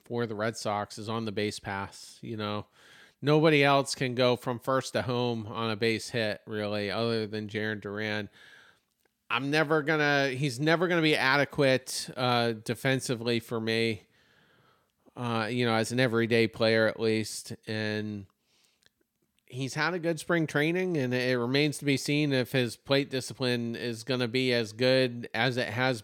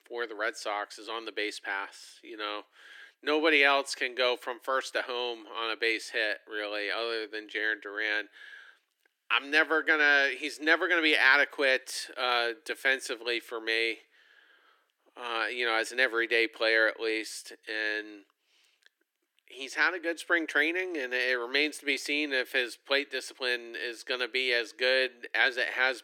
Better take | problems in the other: first | thin; very; fading below 300 Hz

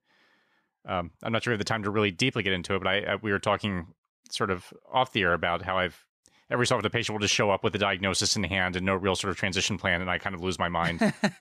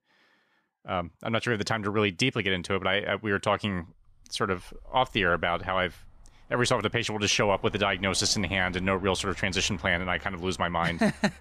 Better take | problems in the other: first | traffic noise; faint; from 4 s on; 25 dB below the speech

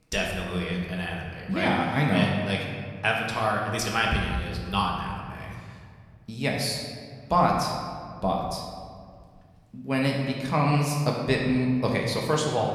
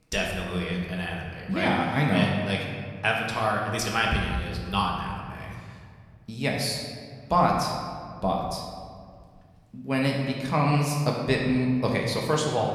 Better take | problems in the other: neither | room echo; noticeable; dies away in 1.6 s; the same in both // off-mic speech; somewhat distant; the same in both

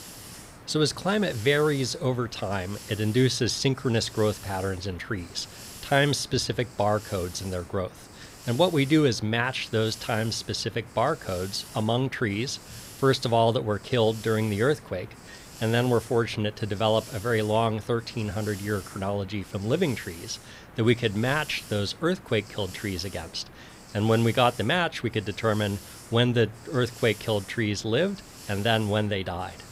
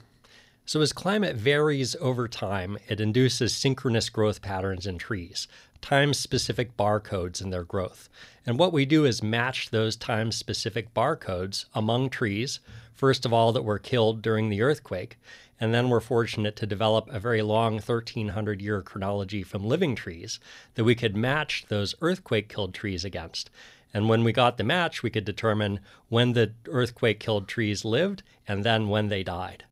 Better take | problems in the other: second | hiss; noticeable; throughout; 15 dB below the speech

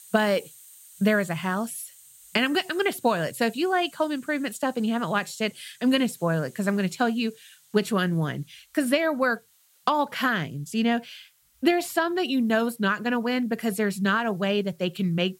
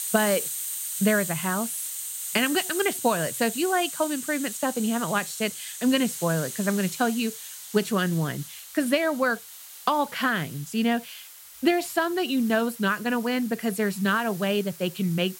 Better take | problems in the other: first | hiss; loud; throughout; 8 dB below the speech; faint in the first

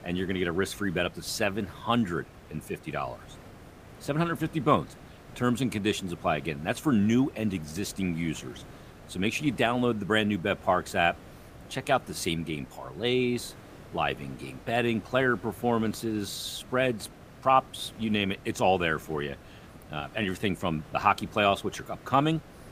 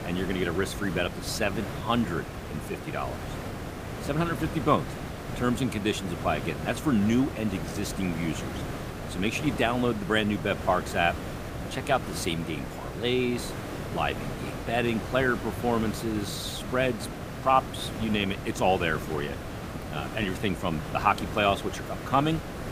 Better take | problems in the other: first | hiss; loud; throughout; 8 dB below the speech; faint in the first

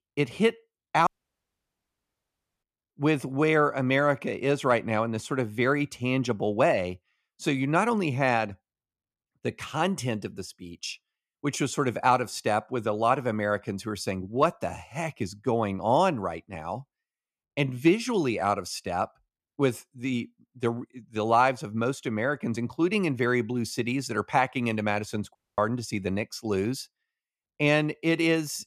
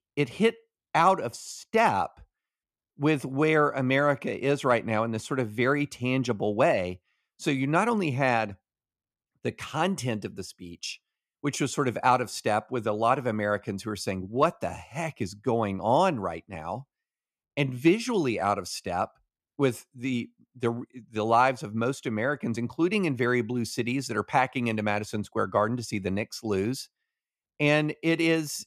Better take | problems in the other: second | audio cutting out; at 1 s for 1.5 s and at 25 s

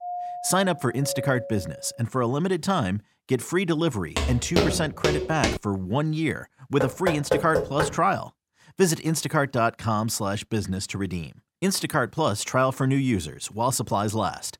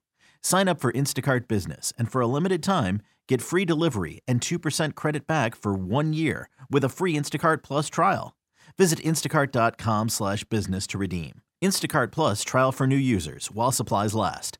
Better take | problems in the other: second | doorbell; noticeable; until 2 s; peak 7 dB below the speech // footsteps; loud; from 4 to 5.5 s; peak 1 dB above the speech // door banging; loud; from 7 to 8 s; peak level with the speech

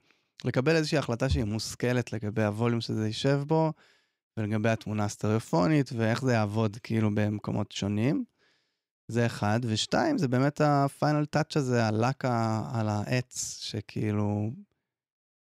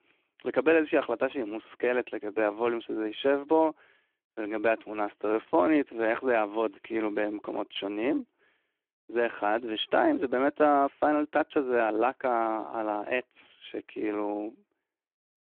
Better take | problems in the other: first | phone-call audio; nothing above 3.5 kHz

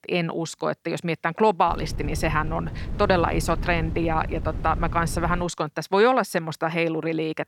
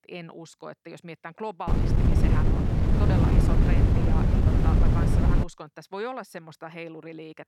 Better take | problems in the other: first | wind noise on the microphone; heavy; from 1.5 to 5.5 s; 5 dB above the speech; occasional gusts in the first

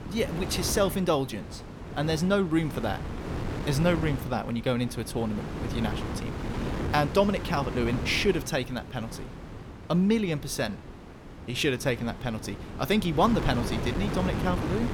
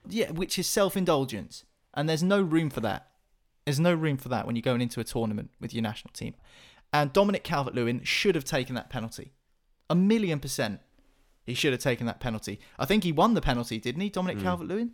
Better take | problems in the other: second | wind noise on the microphone; heavy; 10 dB below the speech

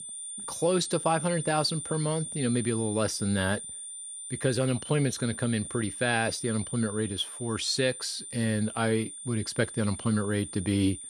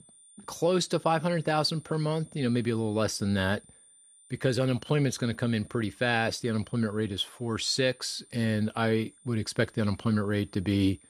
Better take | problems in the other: second | high-pitched whine; loud; throughout; 9 kHz, 8 dB below the speech; faint in the second

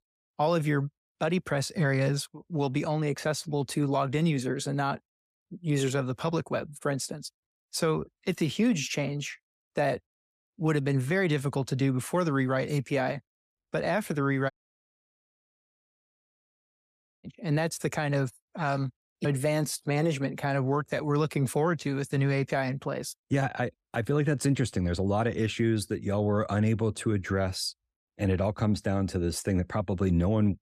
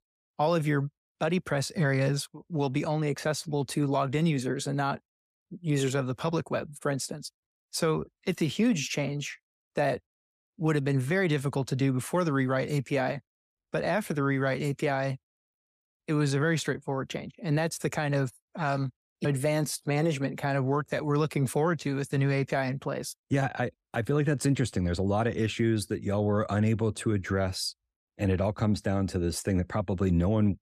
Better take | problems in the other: second | audio cutting out; at 15 s for 2.5 s

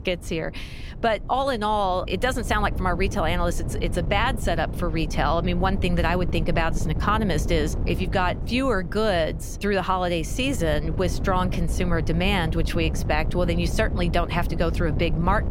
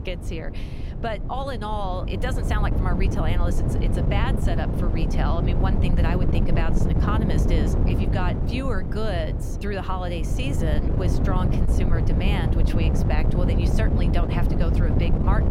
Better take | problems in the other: first | wind noise on the microphone; heavy; 2 dB below the speech; occasional gusts in the first

